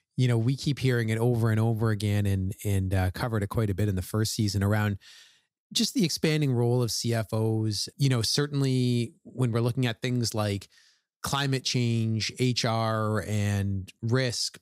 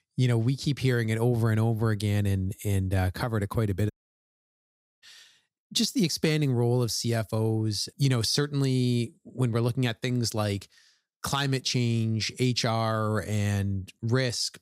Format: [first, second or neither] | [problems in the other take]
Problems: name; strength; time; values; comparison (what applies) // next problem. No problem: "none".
first | audio cutting out; at 4 s for 1 s